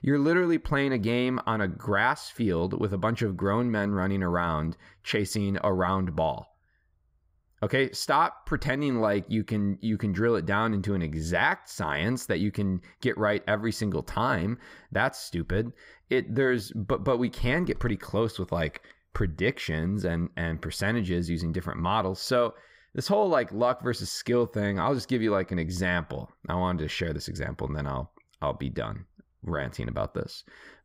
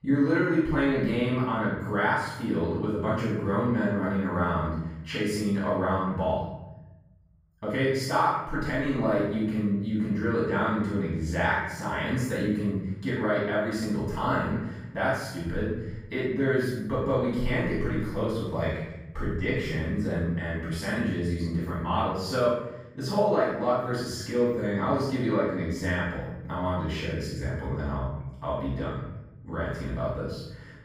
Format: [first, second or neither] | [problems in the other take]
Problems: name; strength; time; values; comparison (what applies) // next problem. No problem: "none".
first | room echo; strong; dies away in 0.9 s // off-mic speech; far